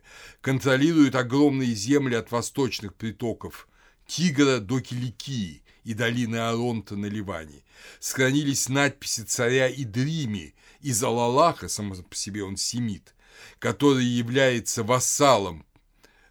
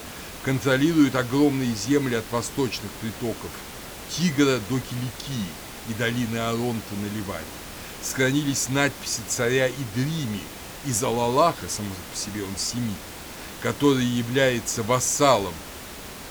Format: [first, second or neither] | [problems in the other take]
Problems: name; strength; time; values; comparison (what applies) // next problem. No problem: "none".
first | hiss; noticeable; throughout; 10 dB below the speech